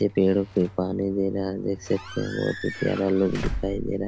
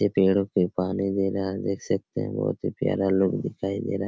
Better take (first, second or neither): second